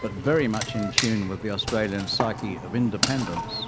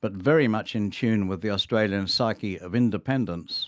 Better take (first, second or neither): second